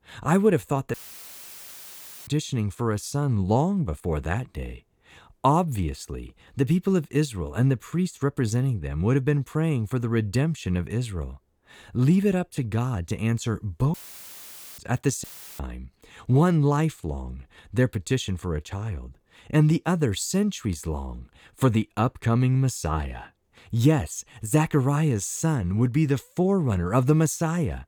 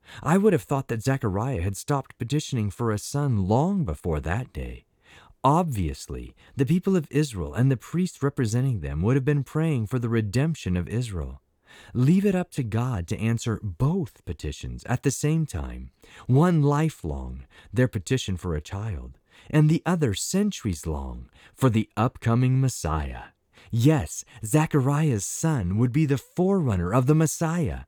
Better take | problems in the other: second | audio cutting out; filled with static; at 1 s for 1.5 s, at 14 s for 1 s and at 15 s

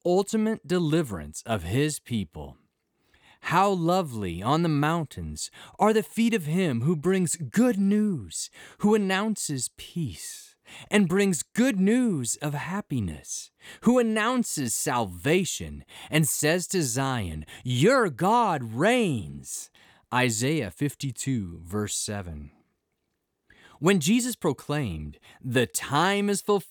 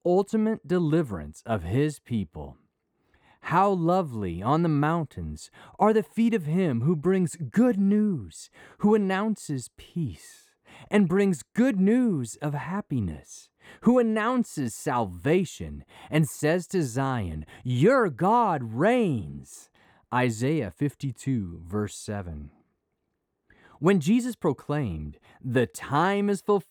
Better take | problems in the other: first | muffled; slightly; fading above 2 kHz

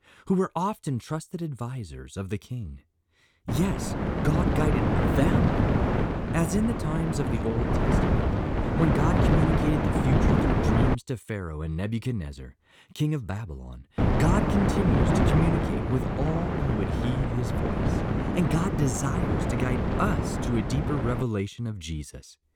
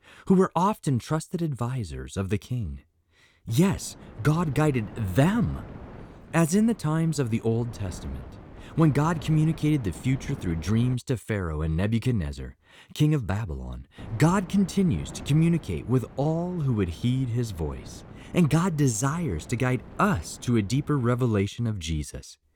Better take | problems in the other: second | wind noise on the microphone; heavy; from 3.5 to 11 s and from 14 to 21 s; 4 dB above the speech; occasional gusts in the second

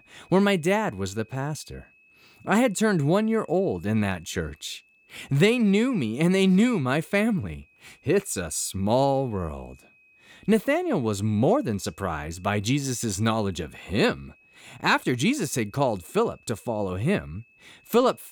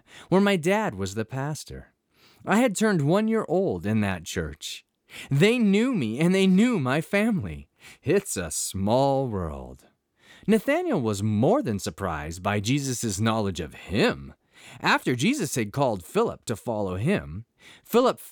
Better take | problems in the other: second | high-pitched whine; faint; throughout; 2.5 kHz, 30 dB below the speech

